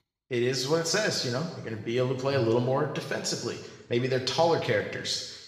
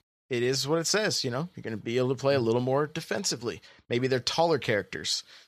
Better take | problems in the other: second | room echo; noticeable; dies away in 1 s // off-mic speech; somewhat distant

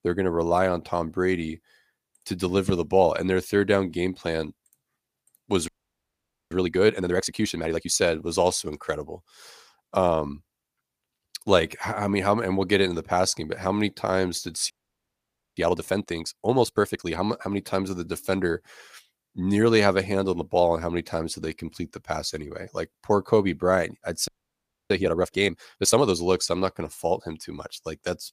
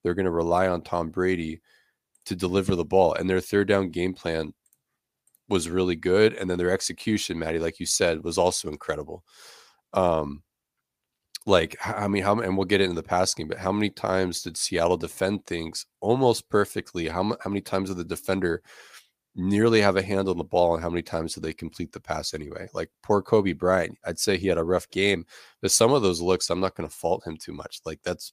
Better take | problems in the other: second | audio freezing; at 5.5 s for 1 s, at 15 s for 1 s and at 24 s for 0.5 s

